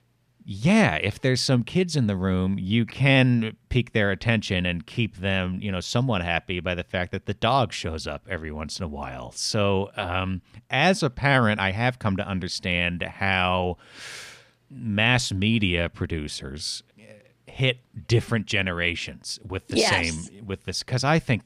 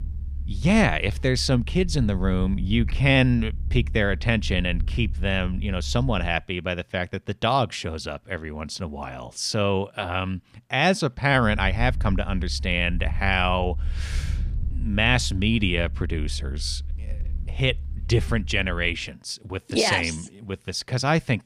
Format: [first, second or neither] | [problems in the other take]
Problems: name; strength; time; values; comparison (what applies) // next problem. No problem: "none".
first | low rumble; faint; until 6.5 s and from 11 to 19 s; 25 dB below the speech